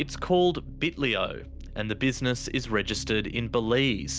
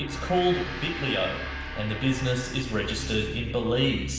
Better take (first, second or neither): first